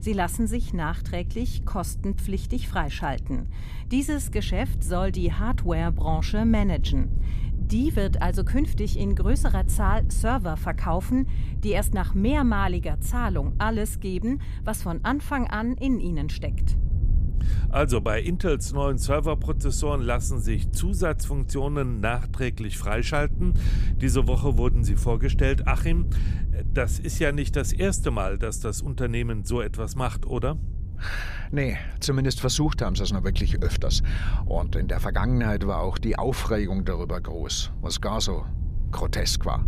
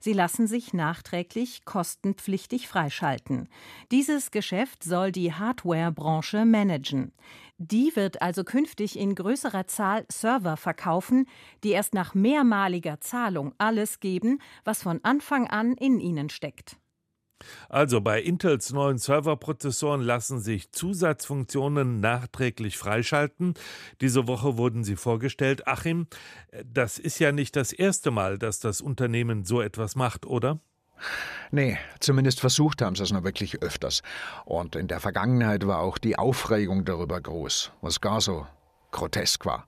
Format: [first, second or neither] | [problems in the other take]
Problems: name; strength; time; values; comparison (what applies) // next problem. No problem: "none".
second | wind noise on the microphone; occasional gusts; 15 dB below the speech